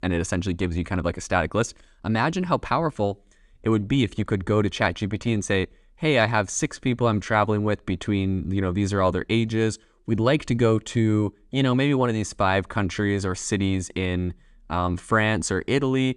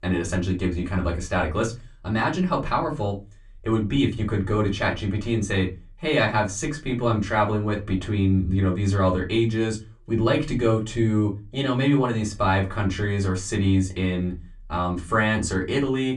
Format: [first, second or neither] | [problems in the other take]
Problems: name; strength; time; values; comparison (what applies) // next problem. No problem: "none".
first | off-mic speech; far // room echo; very slight; dies away in 0.2 s